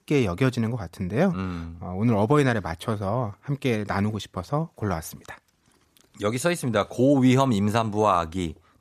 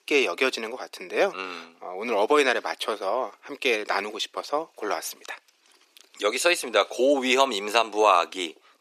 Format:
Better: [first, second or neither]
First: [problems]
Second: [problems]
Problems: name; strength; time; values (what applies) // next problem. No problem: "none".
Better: first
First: none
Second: thin; very; fading below 350 Hz